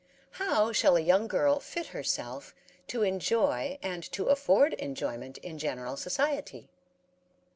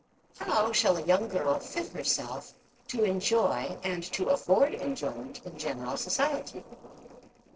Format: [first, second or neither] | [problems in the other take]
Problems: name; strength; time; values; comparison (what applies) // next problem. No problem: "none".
first | noise reduction (neural separator model SepFormer DNS4)